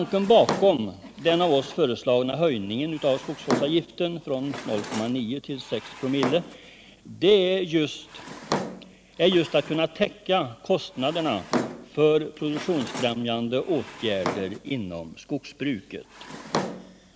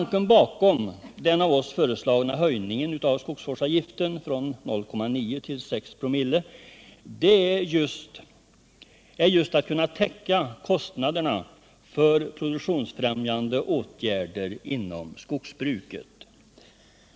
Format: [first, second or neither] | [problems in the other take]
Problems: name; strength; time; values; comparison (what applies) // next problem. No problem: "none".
second | background sound (Drawer open or close); 10 dB below the speech